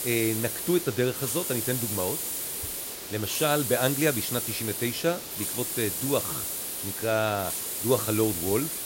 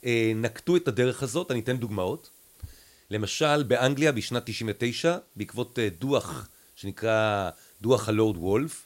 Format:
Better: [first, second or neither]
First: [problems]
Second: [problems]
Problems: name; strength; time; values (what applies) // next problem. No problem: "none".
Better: second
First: hiss; loud; throughout; 2 dB below the speech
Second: hiss; faint; throughout; 25 dB below the speech